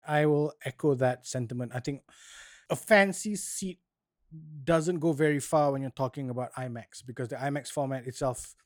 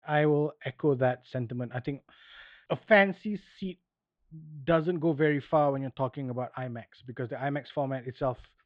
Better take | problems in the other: first | muffled; very; fading above 3.5 kHz

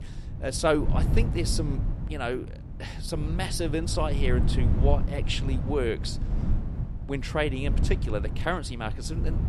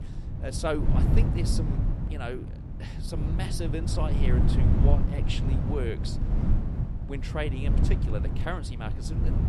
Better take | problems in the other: first | wind noise on the microphone; heavy; 3 dB below the speech; occasional gusts in the first

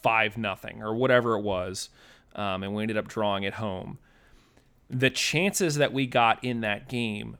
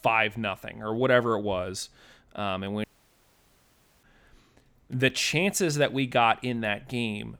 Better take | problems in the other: first | audio cutting out; at 3 s for 1 s

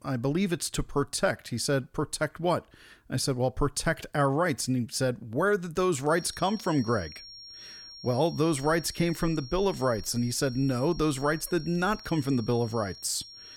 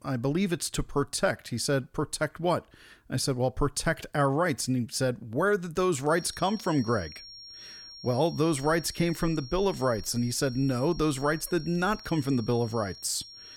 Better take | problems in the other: neither | high-pitched whine; noticeable; from 6 s on; 5.5 kHz, 15 dB below the speech; the same in both

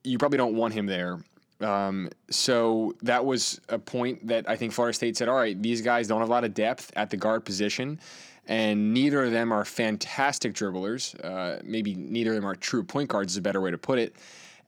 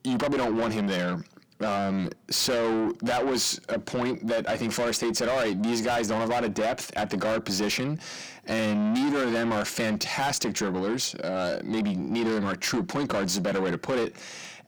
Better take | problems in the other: first | distortion; heavy; 6 dB below the speech

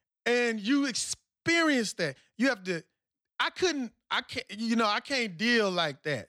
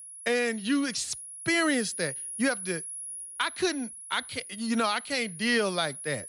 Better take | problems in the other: first | high-pitched whine; loud; throughout; 10.5 kHz, 9 dB below the speech

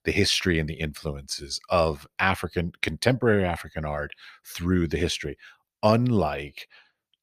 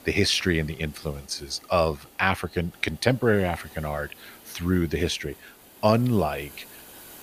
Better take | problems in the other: first | hiss; faint; throughout; 20 dB below the speech

